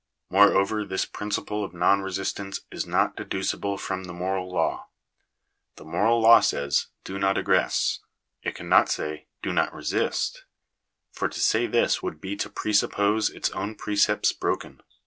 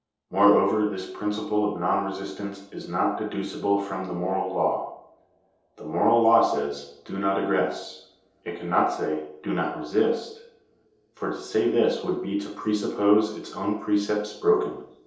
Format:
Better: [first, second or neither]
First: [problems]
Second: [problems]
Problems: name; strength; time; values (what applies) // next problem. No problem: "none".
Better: first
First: none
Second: room echo; dies away in 0.8 s